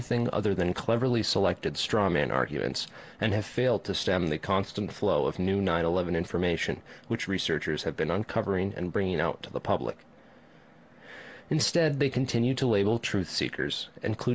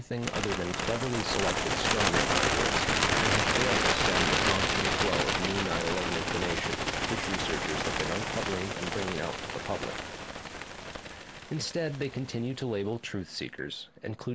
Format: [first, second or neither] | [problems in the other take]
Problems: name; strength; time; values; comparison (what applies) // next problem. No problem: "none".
first | background sound (Bird); 4 dB above the speech